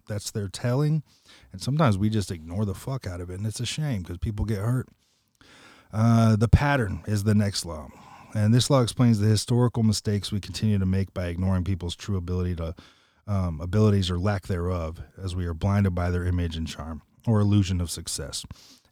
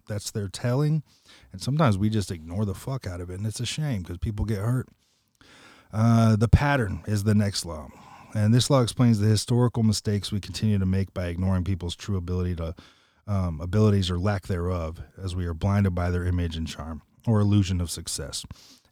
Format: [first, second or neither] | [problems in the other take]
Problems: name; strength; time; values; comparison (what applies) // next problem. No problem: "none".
neither | none